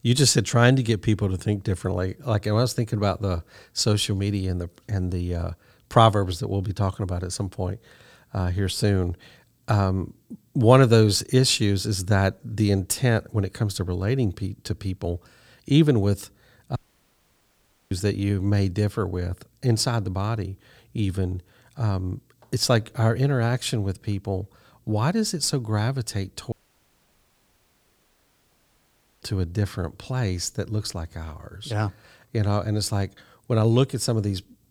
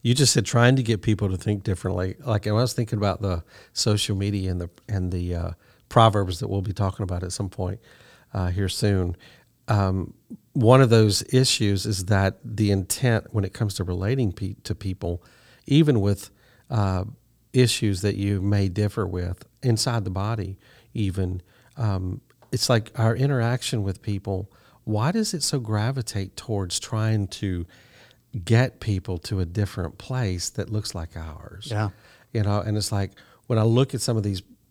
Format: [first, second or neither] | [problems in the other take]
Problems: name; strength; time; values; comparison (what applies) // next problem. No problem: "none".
second | audio cutting out; at 17 s for 1 s and at 27 s for 2.5 s